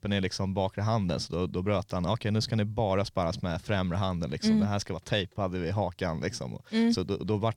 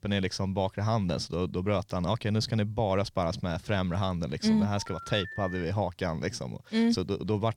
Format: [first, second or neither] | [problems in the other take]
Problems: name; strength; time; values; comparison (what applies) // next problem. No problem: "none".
first | phone ringing; faint; from 4.5 to 5.5 s; peak 10 dB below the speech